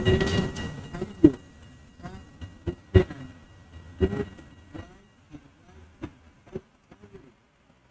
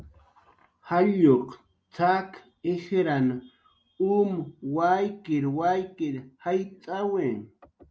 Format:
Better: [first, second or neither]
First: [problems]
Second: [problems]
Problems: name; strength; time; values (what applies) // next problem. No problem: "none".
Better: second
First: noise reduction (neural mask model RNNoise)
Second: none